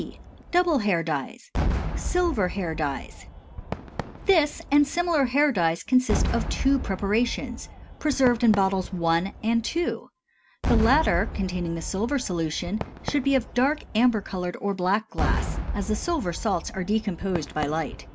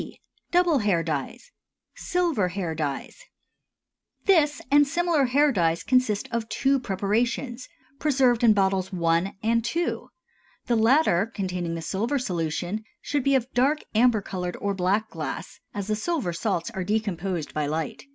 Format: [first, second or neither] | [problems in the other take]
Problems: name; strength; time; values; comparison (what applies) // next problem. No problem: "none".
second | background sound (Cheering / Fireworks); 6 dB below the speech